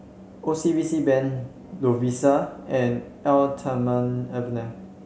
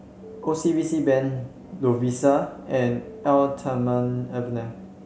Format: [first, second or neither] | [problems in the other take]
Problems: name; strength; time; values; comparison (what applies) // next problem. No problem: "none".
first | background sound (Alarm); 17 dB below the speech